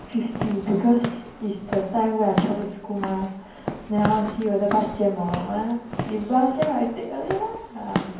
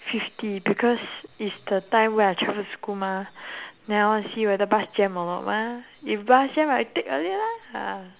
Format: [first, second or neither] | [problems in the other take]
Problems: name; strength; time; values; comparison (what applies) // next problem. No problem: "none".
second | background sound (Walk, footsteps / Siren); 8 dB below the speech // room echo; dies away in 0.9 s